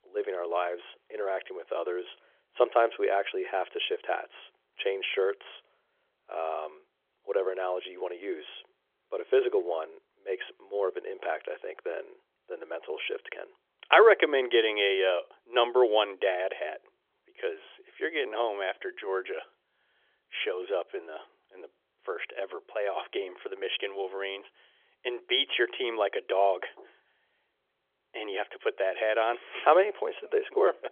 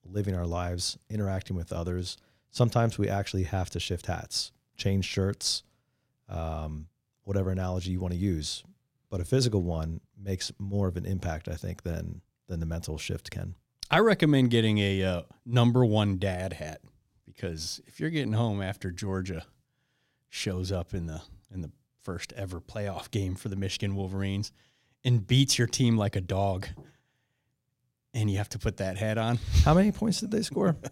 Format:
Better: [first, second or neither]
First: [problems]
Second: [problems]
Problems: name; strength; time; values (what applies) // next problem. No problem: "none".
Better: second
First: phone-call audio; nothing above 3.5 kHz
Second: none